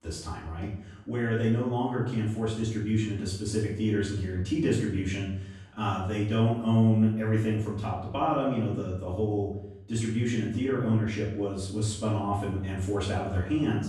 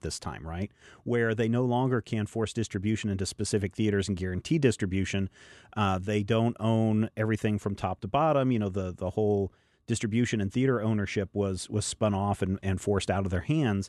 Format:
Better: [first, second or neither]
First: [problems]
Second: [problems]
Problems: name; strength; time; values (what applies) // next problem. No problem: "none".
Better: second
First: off-mic speech; far // room echo; noticeable; dies away in 0.7 s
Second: none